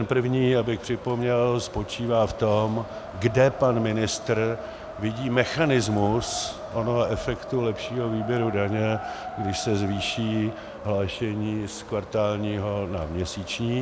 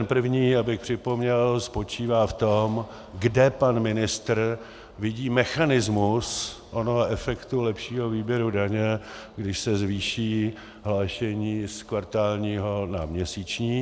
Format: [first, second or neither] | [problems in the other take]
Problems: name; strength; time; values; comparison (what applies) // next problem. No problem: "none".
second | background sound (Wind); 12 dB below the speech